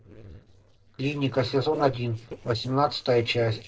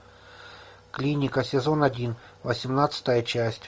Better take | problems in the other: second | noise reduction (neural separator model SepFormer DNS4)

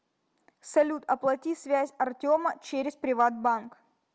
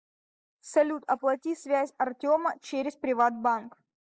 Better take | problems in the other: first | noise reduction (neural mask model Resemble Enhance denoiser)

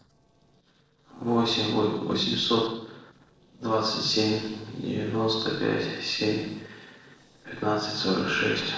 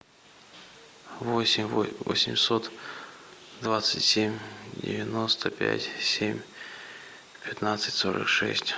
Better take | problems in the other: second | noise reduction (neural separator model SepFormer DNS4)

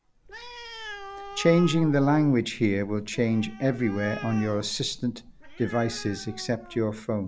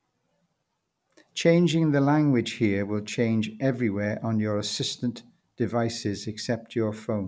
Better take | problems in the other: second | background sound (Animal); 14 dB below the speech

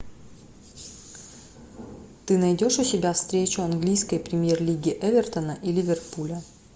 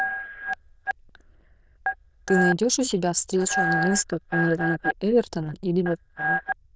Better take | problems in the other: first | noise reduction (neural diffusion model UNIVERSE++)

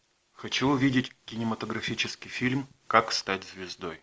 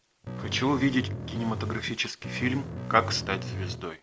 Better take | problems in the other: first | background sound (Bass guitar); 5 dB below the speech

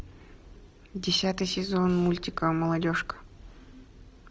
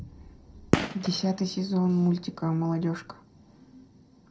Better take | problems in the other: first | background sound (Gunshot, gunfire); 4 dB below the speech // room echo; dies away in 0.2 s

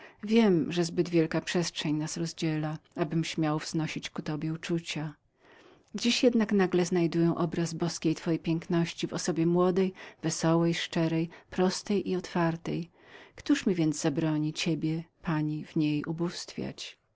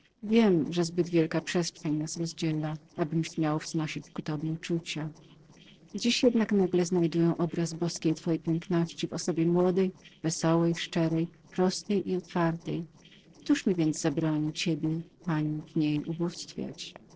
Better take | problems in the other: first | noise reduction (neural separator model SepFormer DNS4)

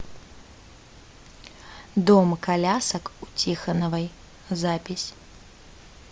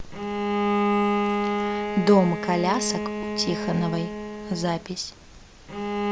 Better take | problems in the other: first | background sound (Bowed string instrument); as loud as the speech

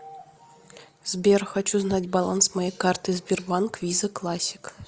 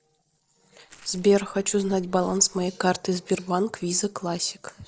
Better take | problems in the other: first | noise reduction (neural separator model SepFormer DNS4)

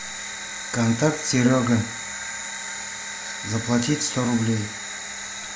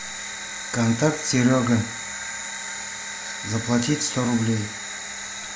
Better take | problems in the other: second | background sound (Cowbell); 17 dB below the speech

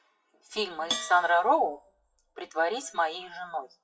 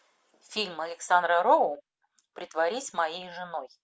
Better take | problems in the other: second | noise reduction (classical method WPE with log-MMSE)

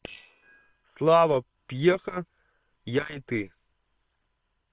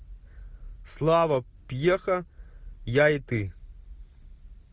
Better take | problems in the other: second | noise reduction (neural separator model SepFormer WHAM!)

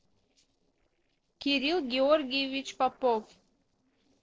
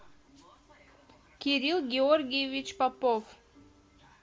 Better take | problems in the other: second | noise reduction (neural separator model SepFormer DNS4)

